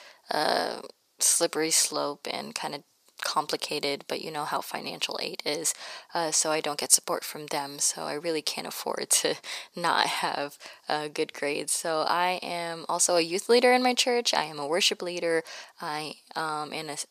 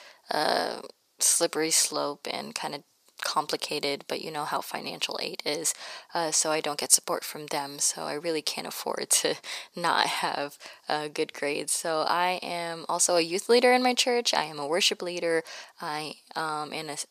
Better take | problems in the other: neither | thin; somewhat; fading below 500 Hz; the same in both

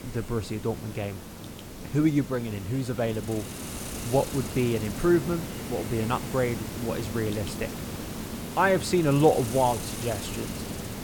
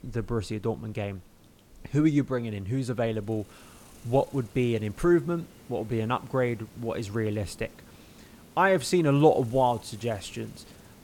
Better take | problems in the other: second | hiss; loud; throughout; 8 dB below the speech; faint in the second

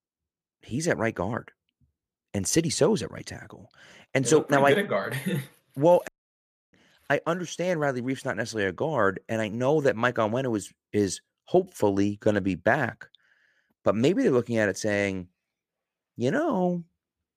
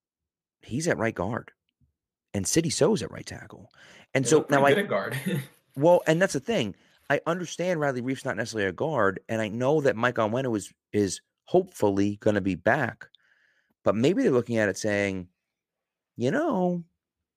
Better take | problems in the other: second | audio cutting out; at 6 s for 0.5 s

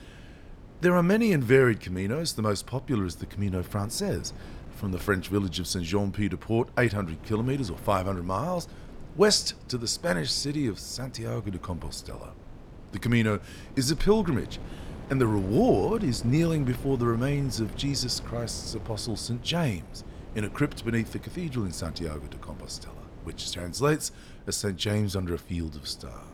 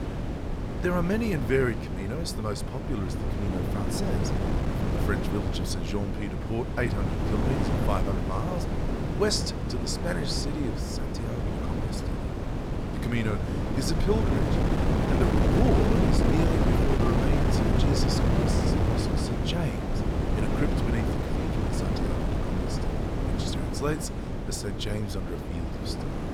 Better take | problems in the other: first | wind noise on the microphone; heavy; 1 dB above the speech; occasional gusts in the first

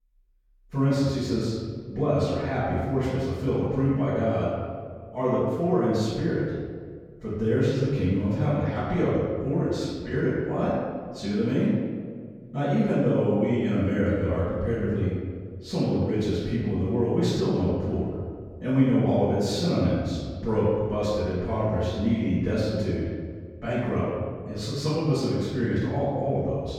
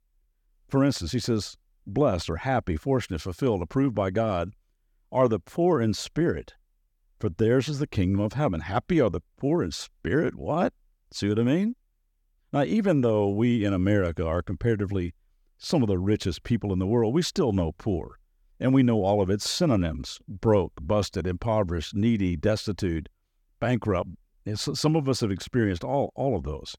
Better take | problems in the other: second | off-mic speech; far // room echo; strong; dies away in 1.7 s

